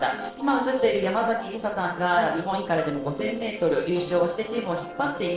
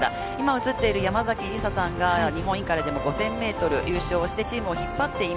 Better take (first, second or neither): second